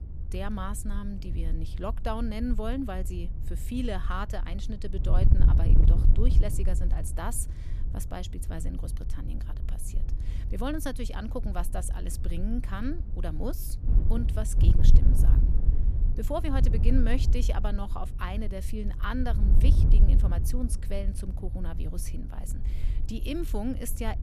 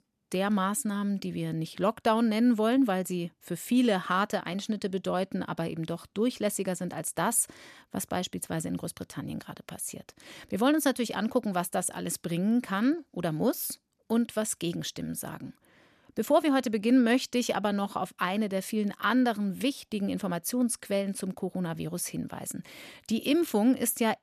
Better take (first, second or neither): second